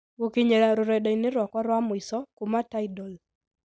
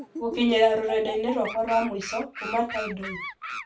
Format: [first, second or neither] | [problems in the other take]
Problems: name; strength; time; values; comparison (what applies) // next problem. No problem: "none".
first | background sound (Animal); 11 dB below the speech // room echo; dies away in 0.3 s